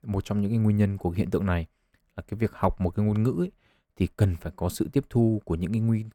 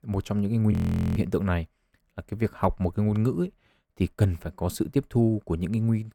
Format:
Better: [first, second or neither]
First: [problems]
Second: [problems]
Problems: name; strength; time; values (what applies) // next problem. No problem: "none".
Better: first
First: none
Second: audio freezing; at 0.5 s